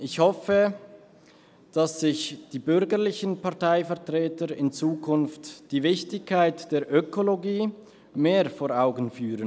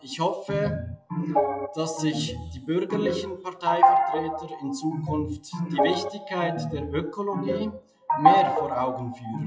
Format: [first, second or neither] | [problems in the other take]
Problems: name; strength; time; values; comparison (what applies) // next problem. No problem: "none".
first | noise reduction (classical method WPE with log-MMSE)